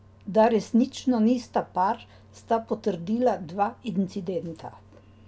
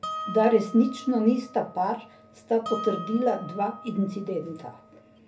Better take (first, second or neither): first